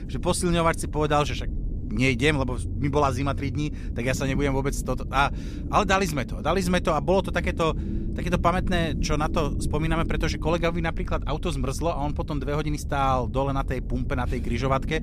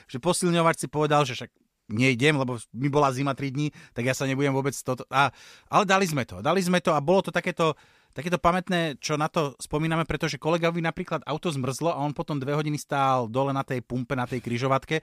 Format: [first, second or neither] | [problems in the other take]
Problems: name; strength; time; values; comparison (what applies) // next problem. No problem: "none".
second | low rumble; noticeable; throughout; 15 dB below the speech